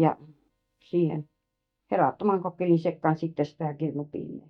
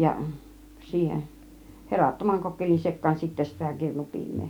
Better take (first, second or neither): second